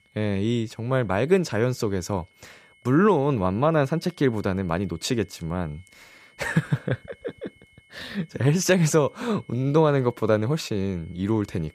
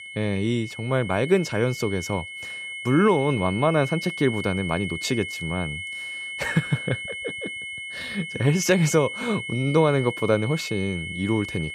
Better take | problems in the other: first | high-pitched whine; loud; throughout; 2 kHz, 8 dB below the speech; faint in the first

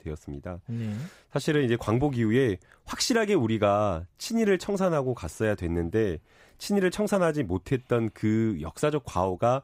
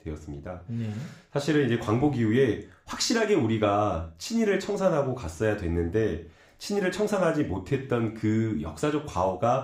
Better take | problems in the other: first | room echo; slight; dies away in 0.4 s

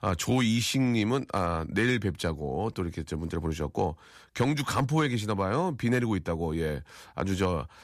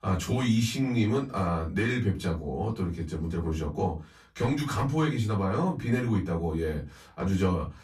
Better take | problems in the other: first | off-mic speech; far // room echo; very slight; dies away in 0.2 s

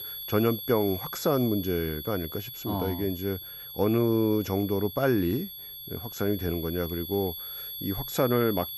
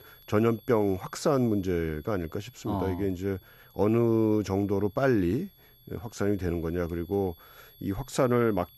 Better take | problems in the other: second | high-pitched whine; loud; throughout; 11.5 kHz, 9 dB below the speech; faint in the second

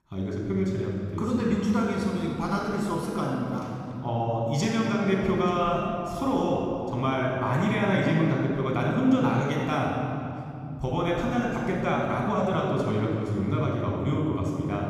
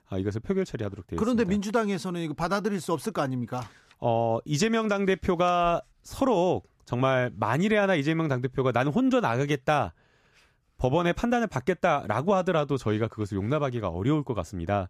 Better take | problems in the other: second | off-mic speech; somewhat distant // room echo; strong; dies away in 3 s

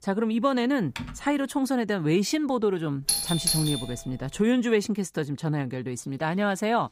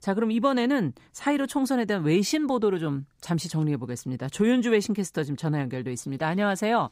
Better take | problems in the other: second | keyboard typing; faint; at 1 s; peak 10 dB below the speech // doorbell; loud; at 3 s; peak 2 dB above the speech

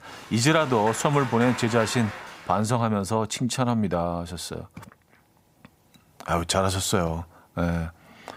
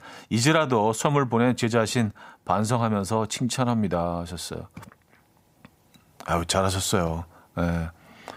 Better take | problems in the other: second | crowd noise; noticeable; until 2.5 s; 10 dB below the speech

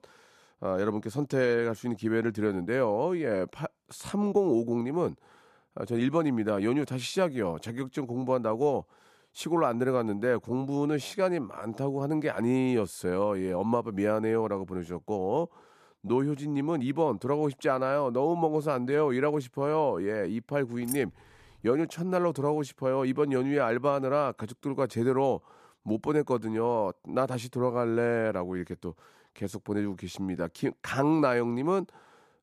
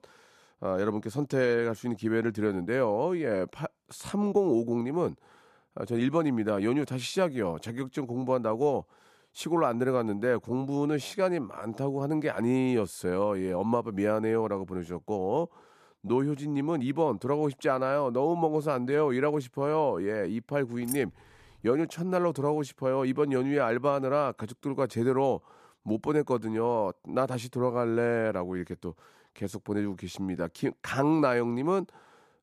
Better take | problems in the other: neither | jangling keys; noticeable; at 21 s; peak 9 dB below the speech; the same in both

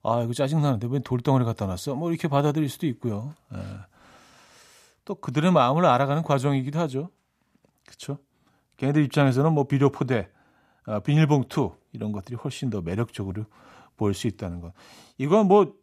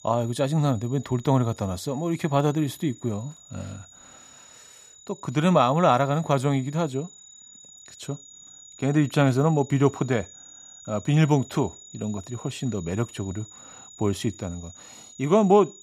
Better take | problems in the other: first | high-pitched whine; faint; throughout; 7 kHz, 20 dB below the speech

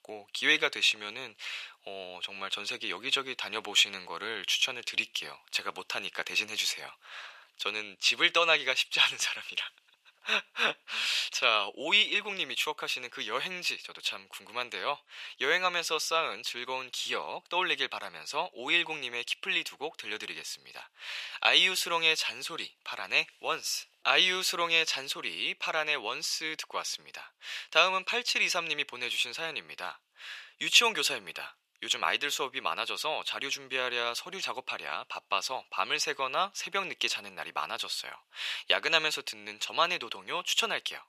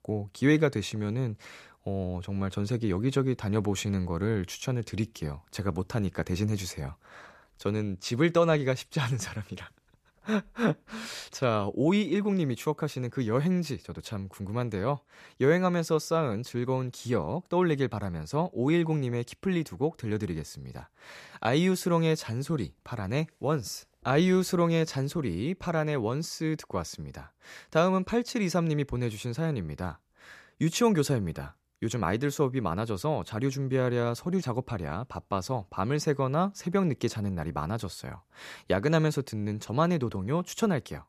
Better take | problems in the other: second | thin; very; fading below 850 Hz

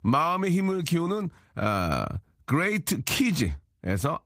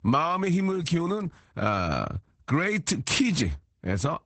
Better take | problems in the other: first | garbled, watery; badly; nothing above 8 kHz; slightly in the first

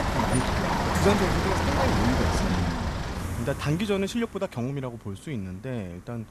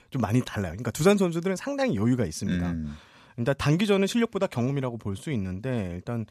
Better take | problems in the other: second | animal sounds; very loud; throughout; 3 dB above the speech

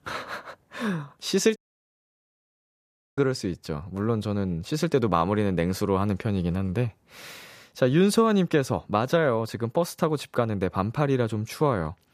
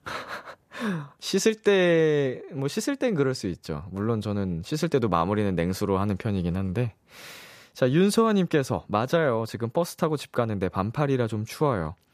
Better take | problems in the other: second | audio cutting out; at 1.5 s for 1.5 s

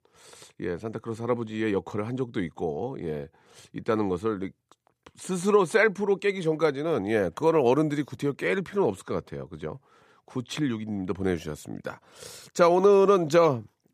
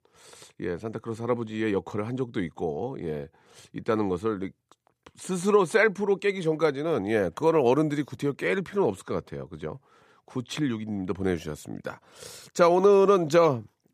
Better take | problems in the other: neither | none

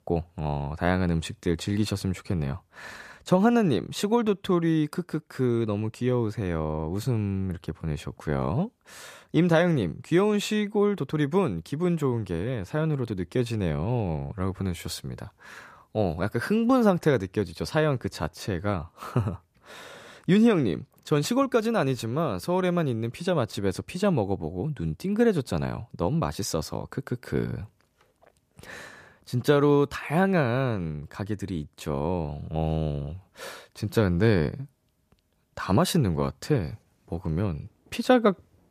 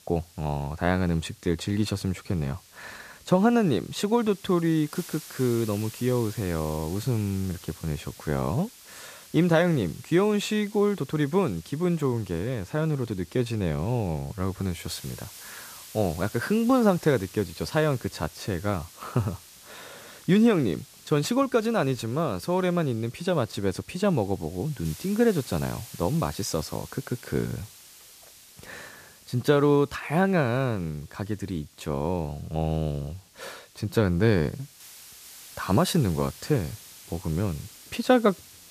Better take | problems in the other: first | hiss; noticeable; throughout; 20 dB below the speech

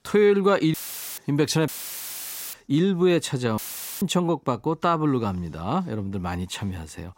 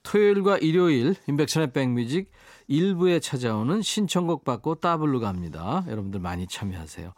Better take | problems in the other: second | audio cutting out; filled with static; at 0.5 s, at 1.5 s for 1 s and at 3.5 s

